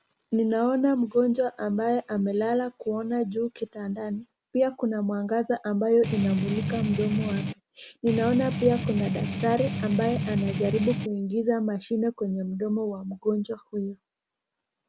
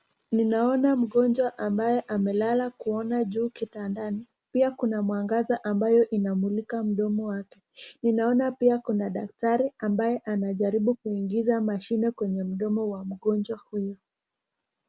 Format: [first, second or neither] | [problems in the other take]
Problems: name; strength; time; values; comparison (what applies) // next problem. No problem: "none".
second | background sound (Strum); 3 dB below the speech